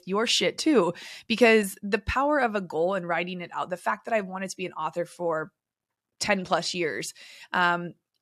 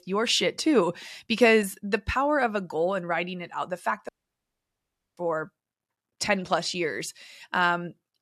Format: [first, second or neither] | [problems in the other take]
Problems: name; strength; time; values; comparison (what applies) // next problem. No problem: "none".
first | audio cutting out; at 4 s for 1 s